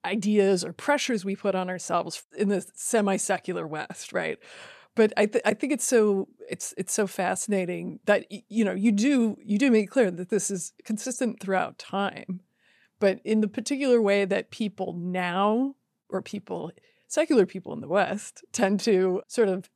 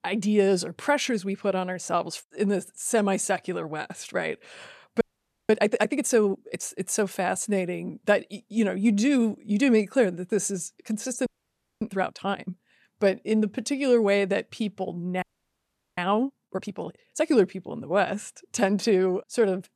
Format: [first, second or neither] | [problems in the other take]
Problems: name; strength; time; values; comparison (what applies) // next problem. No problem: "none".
first | audio freezing; at 5 s, at 11 s for 0.5 s and at 15 s for 1 s